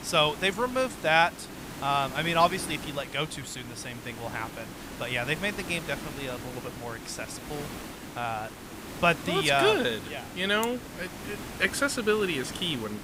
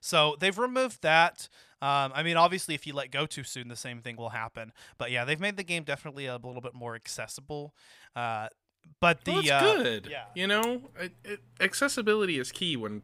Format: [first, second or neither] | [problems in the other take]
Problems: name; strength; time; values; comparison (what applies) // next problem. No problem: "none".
second | hiss; noticeable; throughout; 10 dB below the speech